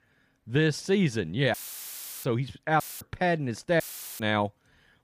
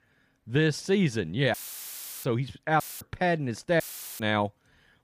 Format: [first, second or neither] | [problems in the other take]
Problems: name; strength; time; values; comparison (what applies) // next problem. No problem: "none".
neither | audio cutting out; filled with static; at 1.5 s for 0.5 s, at 3 s and at 4 s; the same in both